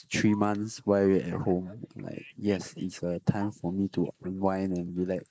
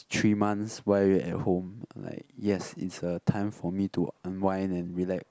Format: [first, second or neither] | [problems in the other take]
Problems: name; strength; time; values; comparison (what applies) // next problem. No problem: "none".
second | noise reduction (neural mask model Resemble Enhance denoiser)